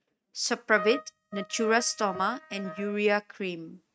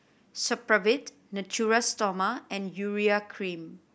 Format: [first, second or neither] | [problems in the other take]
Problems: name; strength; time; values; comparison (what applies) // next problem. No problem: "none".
second | noise reduction (neural mask model RNNoise)